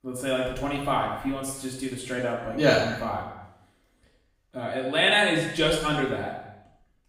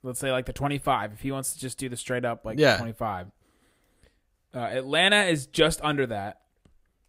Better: second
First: room echo; noticeable; dies away in 0.9 s // off-mic speech; far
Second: none

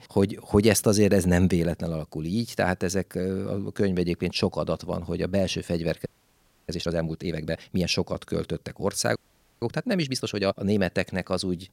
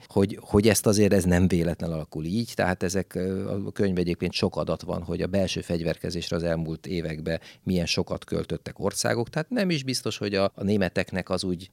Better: second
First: audio freezing; at 6 s for 0.5 s and at 9 s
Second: none

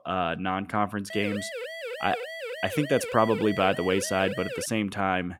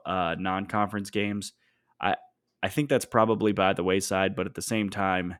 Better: second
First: siren; noticeable; from 1 to 4.5 s; peak 7 dB below the speech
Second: none

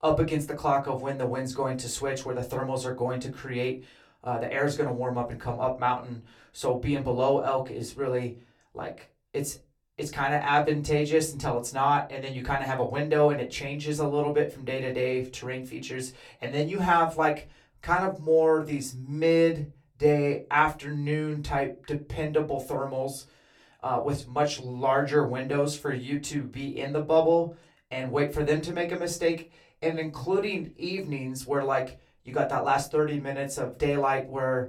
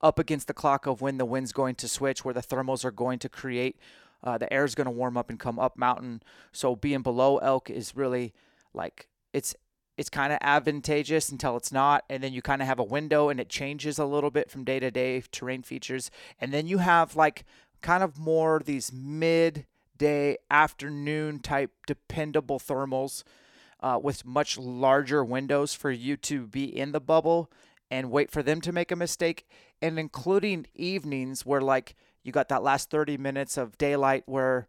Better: second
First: off-mic speech; somewhat distant // room echo; very slight; dies away in 0.2 s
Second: none

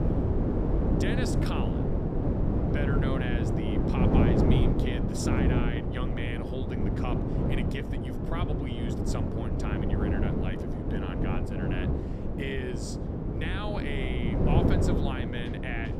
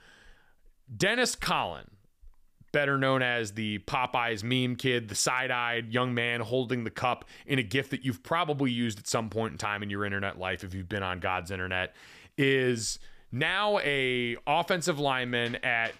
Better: second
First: wind noise on the microphone; heavy; 3 dB above the speech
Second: none

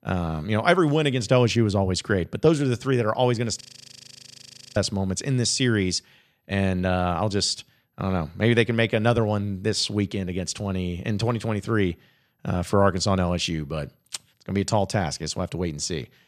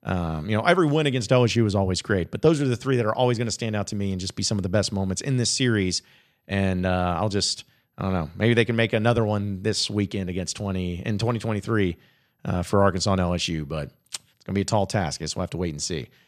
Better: second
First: audio freezing; at 3.5 s for 1 s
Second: none

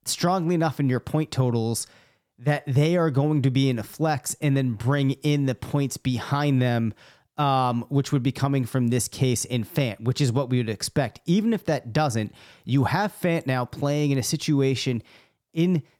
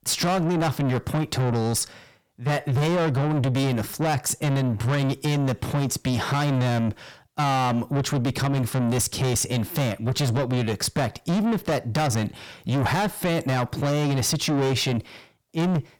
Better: first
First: none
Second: distortion; heavy; 6 dB below the speech

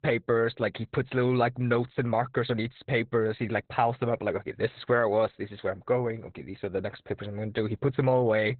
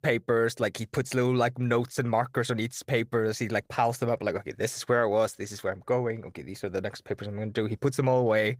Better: second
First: garbled, watery; badly; nothing above 4 kHz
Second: garbled, watery; slightly; nothing above 15.5 kHz

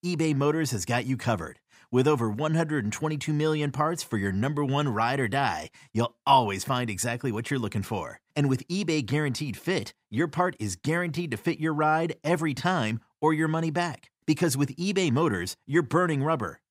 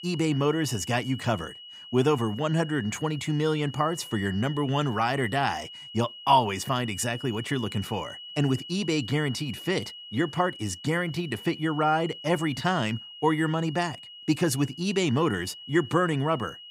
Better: first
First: none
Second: high-pitched whine; noticeable; throughout; 3 kHz, 15 dB below the speech

